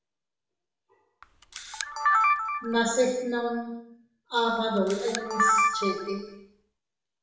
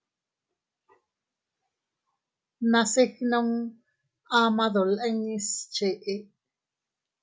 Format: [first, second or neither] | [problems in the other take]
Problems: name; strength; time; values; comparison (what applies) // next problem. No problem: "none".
second | background sound (Camera); 2 dB above the speech // room echo; dies away in 0.8 s